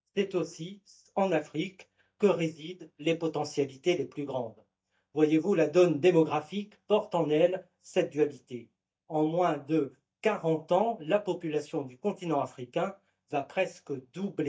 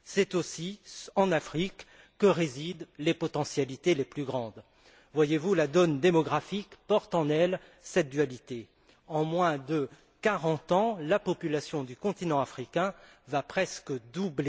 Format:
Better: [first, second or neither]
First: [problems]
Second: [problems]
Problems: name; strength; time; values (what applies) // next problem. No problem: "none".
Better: second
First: noise reduction (neural mask model DeepFilterNet 3)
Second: none